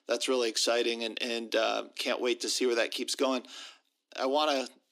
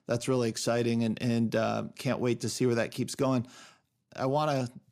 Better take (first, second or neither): second